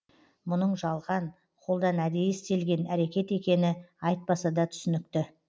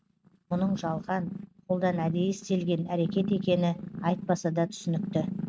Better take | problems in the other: first | noise reduction (neural mask model RNNoise)

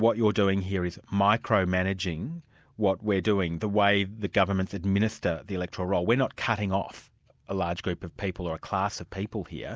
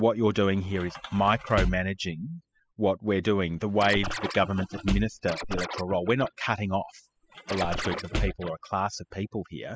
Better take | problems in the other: first | noise reduction (classical method spectral subtraction)

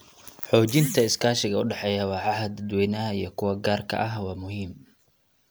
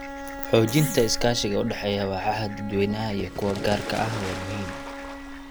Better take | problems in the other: first | background sound (Bowed string instrument + Fowl); 8 dB below the speech

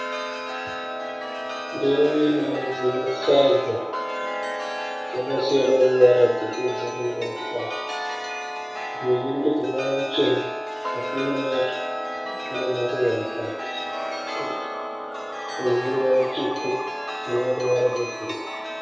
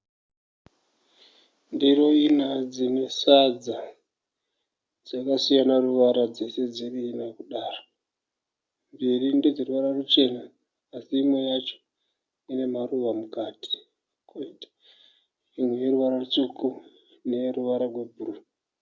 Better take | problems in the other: second | background sound (Chime); 6 dB below the speech // room echo; dies away in 0.6 s

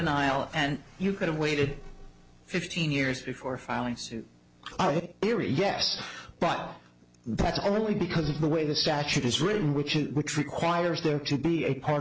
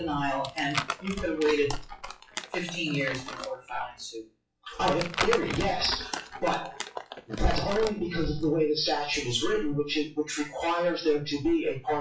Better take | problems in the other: first | noise reduction (classical method WPE with log-MMSE)

